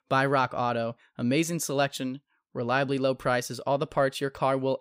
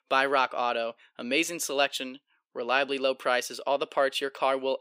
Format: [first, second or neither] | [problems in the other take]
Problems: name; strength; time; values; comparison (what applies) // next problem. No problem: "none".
first | thin; somewhat; fading below 350 Hz